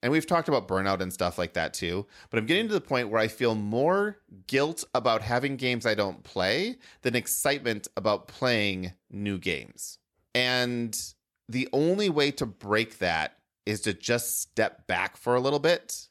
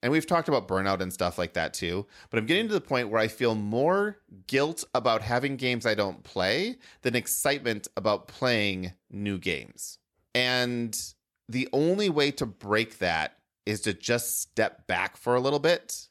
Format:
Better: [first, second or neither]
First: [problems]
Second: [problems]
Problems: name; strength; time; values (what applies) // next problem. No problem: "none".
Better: neither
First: none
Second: none